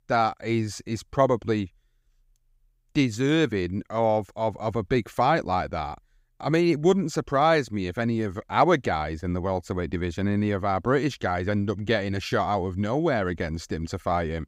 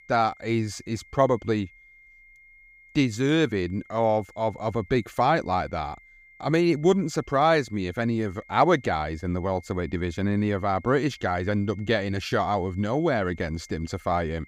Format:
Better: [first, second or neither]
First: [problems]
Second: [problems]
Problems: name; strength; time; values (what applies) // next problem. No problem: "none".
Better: first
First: none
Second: high-pitched whine; faint; throughout; 2 kHz, 25 dB below the speech